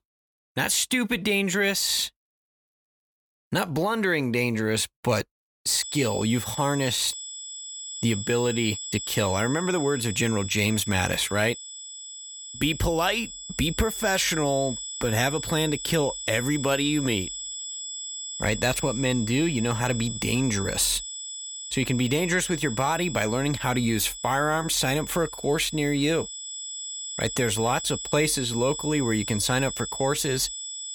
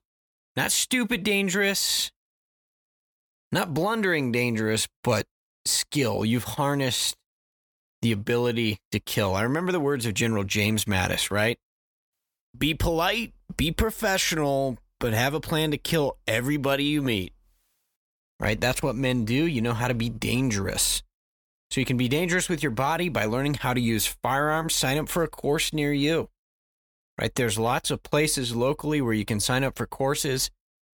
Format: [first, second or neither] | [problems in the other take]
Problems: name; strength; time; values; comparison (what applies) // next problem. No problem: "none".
second | high-pitched whine; loud; from 6 s on; 8 kHz, 8 dB below the speech